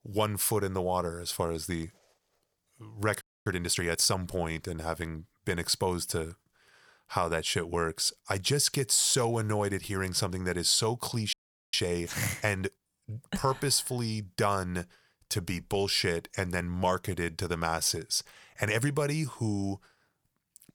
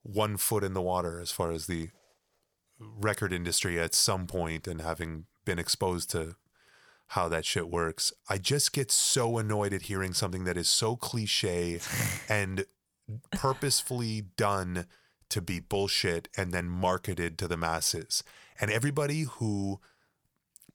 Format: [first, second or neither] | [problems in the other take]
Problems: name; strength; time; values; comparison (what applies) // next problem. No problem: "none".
second | audio freezing; at 3 s and at 11 s